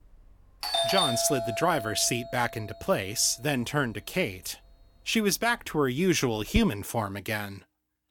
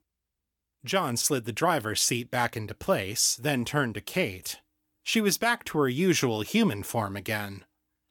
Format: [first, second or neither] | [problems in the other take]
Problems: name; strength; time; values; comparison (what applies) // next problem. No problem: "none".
second | doorbell; loud; from 0.5 to 6.5 s; peak 3 dB above the speech